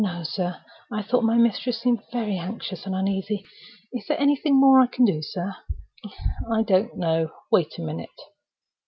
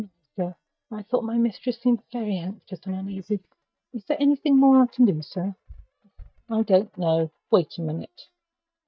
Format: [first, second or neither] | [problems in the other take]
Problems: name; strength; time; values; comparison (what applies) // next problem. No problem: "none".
first | noise reduction (neural mask model DeepFilterNet 3)